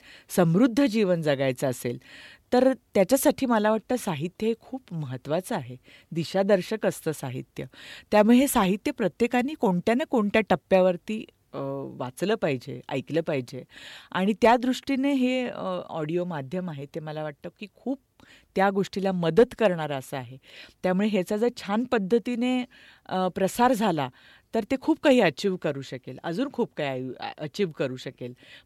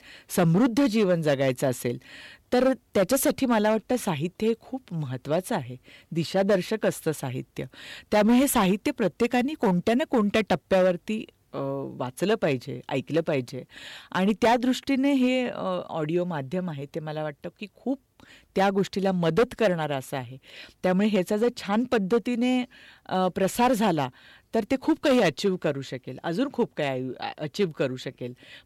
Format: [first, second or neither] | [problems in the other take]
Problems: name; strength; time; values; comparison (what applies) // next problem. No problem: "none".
first | distortion; slight; 4% of the sound clipped